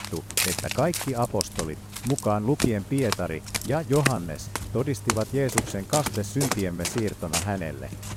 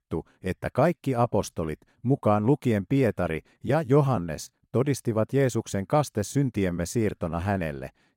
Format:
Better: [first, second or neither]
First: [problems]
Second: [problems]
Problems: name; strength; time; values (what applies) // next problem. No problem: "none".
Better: second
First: footsteps; loud; peak 4 dB above the speech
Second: none